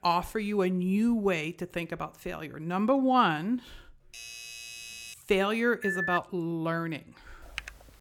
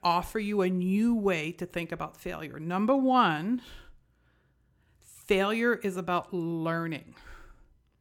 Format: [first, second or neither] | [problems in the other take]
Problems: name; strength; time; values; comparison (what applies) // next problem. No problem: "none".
second | doorbell; faint; from 4 to 5 s; peak 10 dB below the speech // phone ringing; noticeable; at 6 s; peak 2 dB below the speech // keyboard typing; faint; at 7.5 s; peak 10 dB below the speech